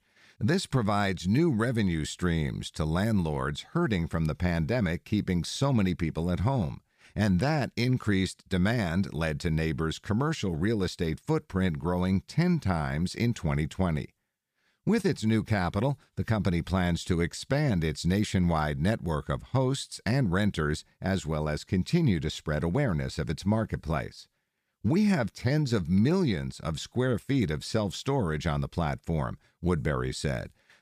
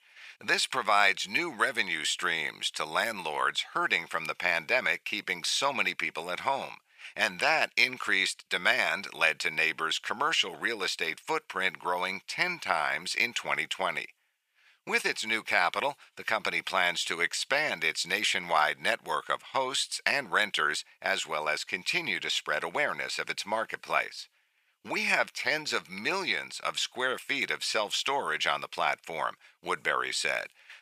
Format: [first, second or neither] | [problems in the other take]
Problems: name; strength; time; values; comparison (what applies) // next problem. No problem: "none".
first | thin; very; fading below 900 Hz